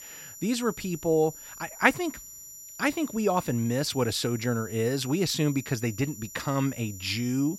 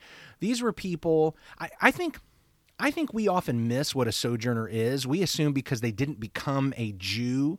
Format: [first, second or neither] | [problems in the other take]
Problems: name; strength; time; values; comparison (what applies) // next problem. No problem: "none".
second | high-pitched whine; noticeable; throughout; 7 kHz, 15 dB below the speech